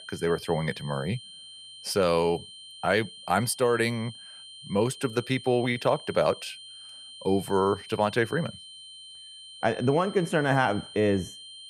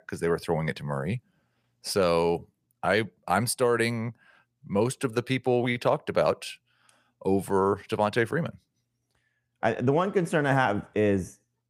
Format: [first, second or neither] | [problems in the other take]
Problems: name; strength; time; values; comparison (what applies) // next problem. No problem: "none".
second | high-pitched whine; noticeable; throughout; 3 kHz, 15 dB below the speech